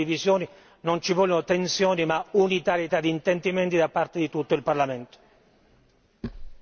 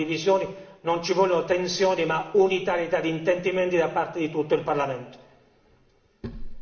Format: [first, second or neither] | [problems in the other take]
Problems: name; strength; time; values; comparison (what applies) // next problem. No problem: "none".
first | room echo; dies away in 0.8 s